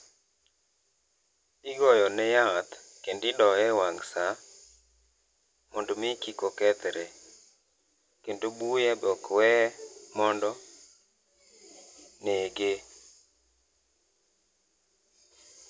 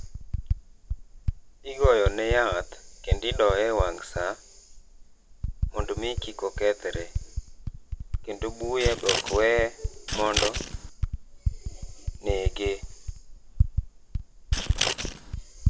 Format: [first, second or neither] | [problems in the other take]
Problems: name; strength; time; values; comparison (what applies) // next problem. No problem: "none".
first | background sound (Typing + Scissors); as loud as the speech